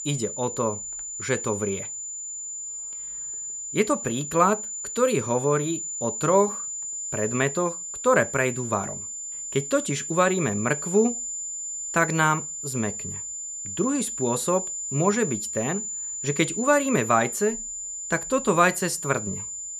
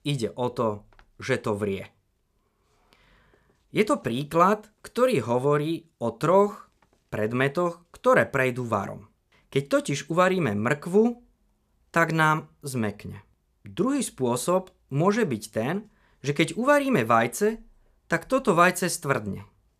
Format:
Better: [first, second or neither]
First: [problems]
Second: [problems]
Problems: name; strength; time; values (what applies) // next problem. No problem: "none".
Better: second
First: high-pitched whine; loud; throughout; 7 kHz, 5 dB below the speech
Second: none